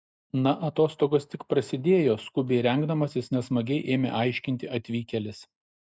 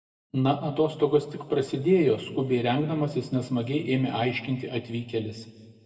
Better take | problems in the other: first | room echo; dies away in 1.4 s

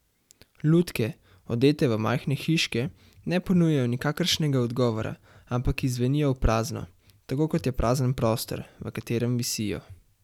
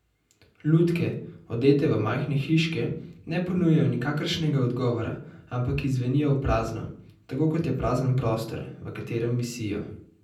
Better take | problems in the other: first | room echo; dies away in 0.6 s

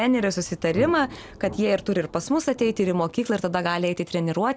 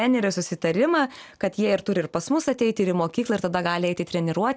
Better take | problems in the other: second | background sound (Thunder); 18 dB below the speech

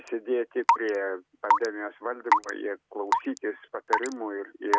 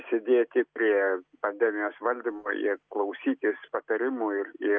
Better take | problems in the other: second | background sound (Raindrop / Drip / Water tap, faucet); 2 dB above the speech

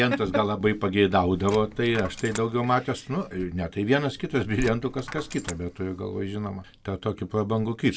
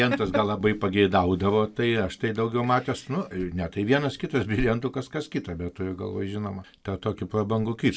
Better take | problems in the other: second | background sound (Coin (dropping)); 17 dB below the speech

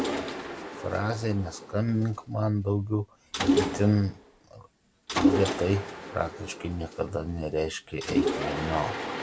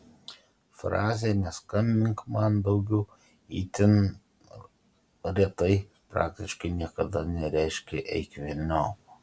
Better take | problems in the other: second | background sound (Mechanisms); 2 dB below the speech

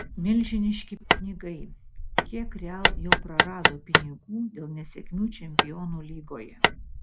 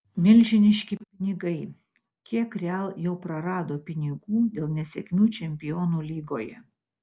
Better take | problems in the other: second | background sound (Hammer); 4 dB above the speech

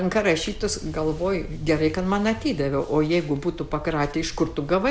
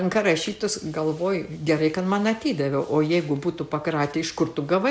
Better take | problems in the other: second | background sound (Ocean); 13 dB below the speech

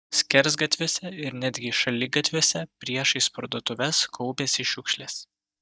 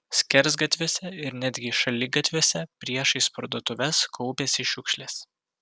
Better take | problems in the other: second | noise reduction (neural mask model DeepFilterNet 3)

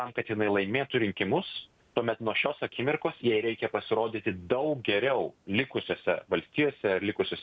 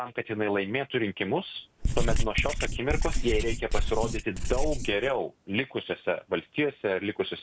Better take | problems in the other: first | background sound (Writing); 3 dB above the speech

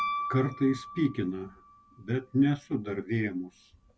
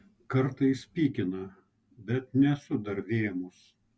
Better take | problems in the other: second | background sound (Piano); 10 dB below the speech

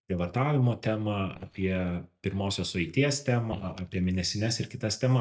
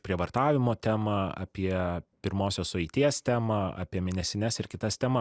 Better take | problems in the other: second | noise reduction (neural mask model DeepFilterNet 3)

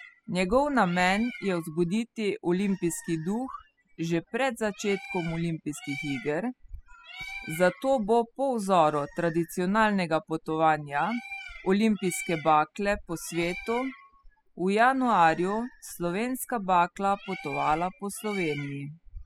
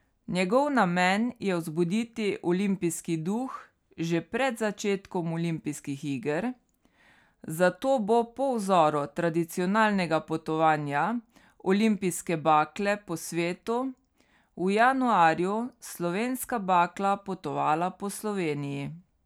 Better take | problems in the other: second | noise reduction (classical method spectral subtraction)

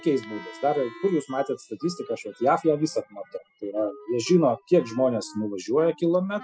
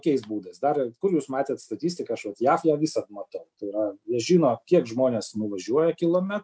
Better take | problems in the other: second | noise reduction (classical method spectral subtraction)

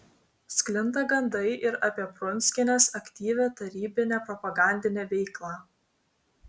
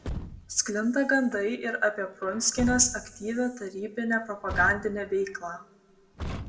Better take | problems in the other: first | background sound (Truck); 12 dB below the speech // room echo; dies away in 1 s

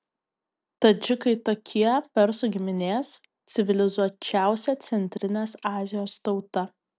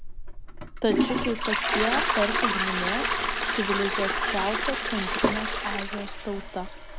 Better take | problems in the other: first | background sound (Toilet flush); 3 dB above the speech

